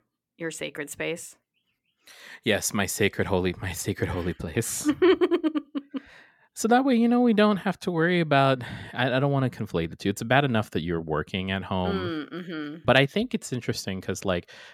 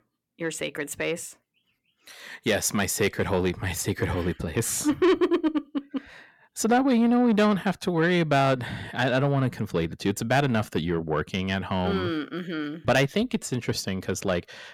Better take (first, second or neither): first